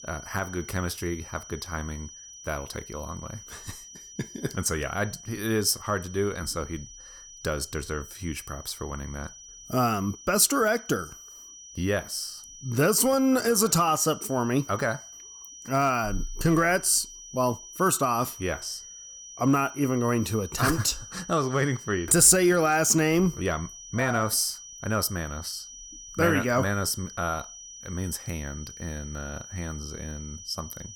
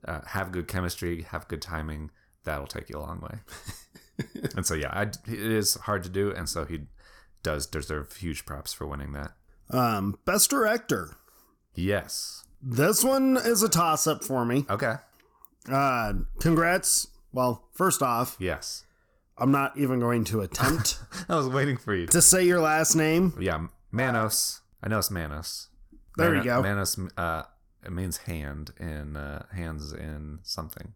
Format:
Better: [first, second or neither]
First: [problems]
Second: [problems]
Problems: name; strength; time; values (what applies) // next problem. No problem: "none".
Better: second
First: high-pitched whine; noticeable; throughout; 6 kHz, 15 dB below the speech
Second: none